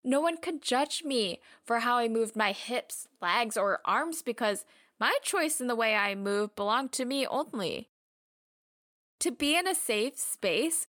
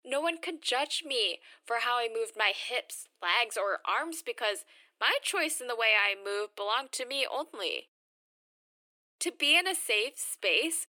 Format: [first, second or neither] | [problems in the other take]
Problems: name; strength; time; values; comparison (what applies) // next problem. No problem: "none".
first | thin; very; fading below 300 Hz